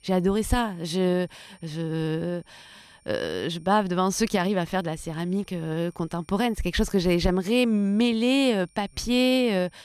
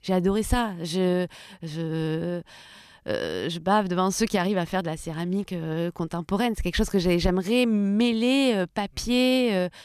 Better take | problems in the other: second | high-pitched whine; faint; throughout; 9 kHz, 35 dB below the speech

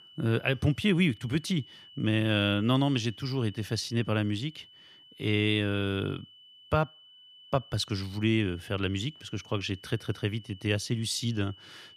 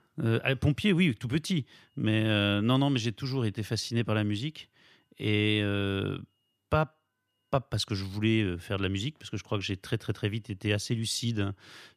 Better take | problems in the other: second | high-pitched whine; faint; throughout; 3 kHz, 20 dB below the speech

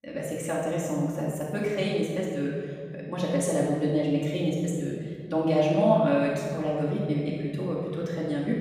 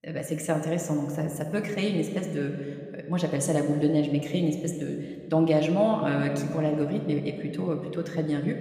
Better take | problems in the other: second | room echo; strong; dies away in 2.5 s; slight in the second // off-mic speech; far; somewhat distant in the second

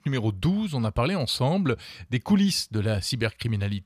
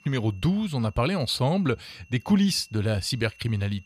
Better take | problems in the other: first | high-pitched whine; faint; throughout; 2.5 kHz, 30 dB below the speech

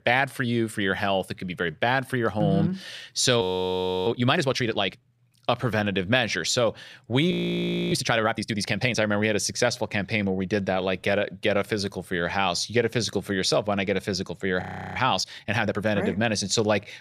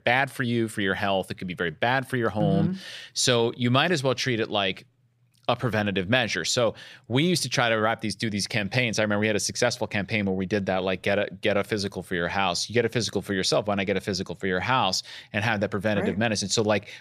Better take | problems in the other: second | audio freezing; at 3.5 s for 0.5 s, at 7.5 s for 0.5 s and at 15 s

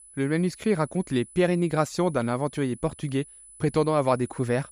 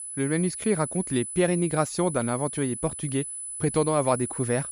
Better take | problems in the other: first | high-pitched whine; loud; throughout; 10 kHz, 7 dB below the speech; faint in the first

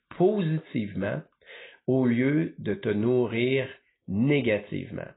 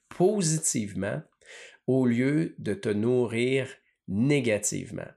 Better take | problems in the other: second | garbled, watery; badly; nothing above 4 kHz

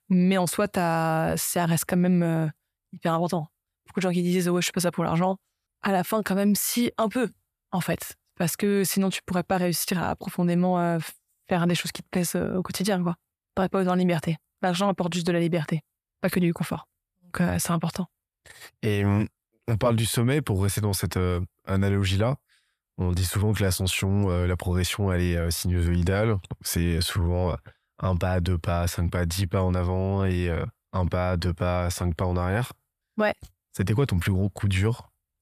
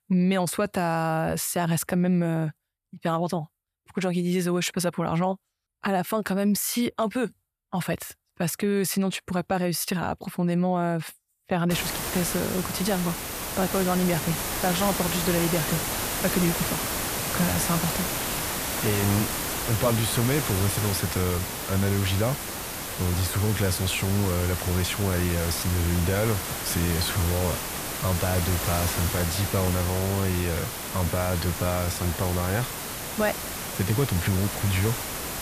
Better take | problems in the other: first | hiss; loud; from 12 s on; 2 dB below the speech

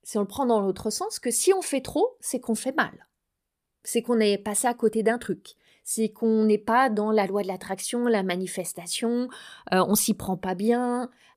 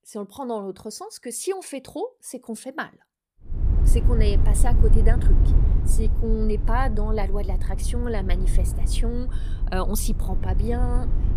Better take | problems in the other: first | low rumble; loud; from 3.5 s on; 9 dB below the speech

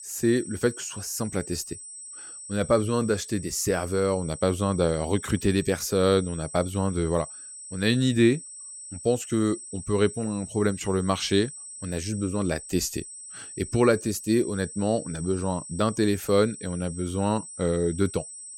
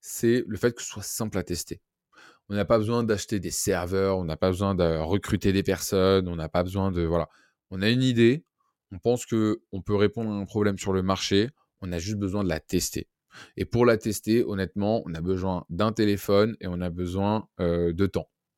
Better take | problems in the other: second | high-pitched whine; noticeable; throughout; 8 kHz, 10 dB below the speech

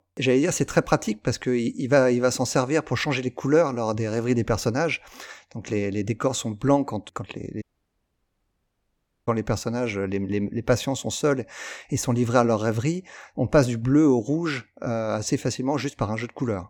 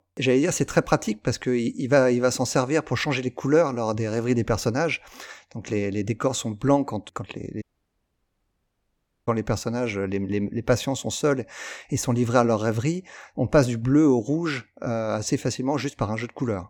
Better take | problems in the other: neither | audio cutting out; at 7.5 s for 1.5 s; the same in both

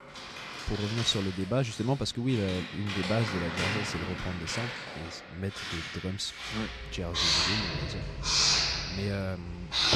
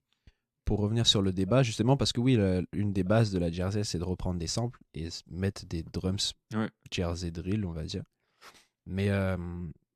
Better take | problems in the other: second | household noises; very loud; throughout; 3 dB above the speech

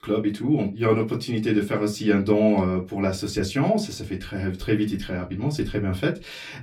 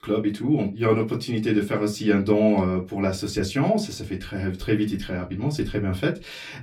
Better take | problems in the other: neither | off-mic speech; far; the same in both // room echo; very slight; dies away in 0.2 s; the same in both

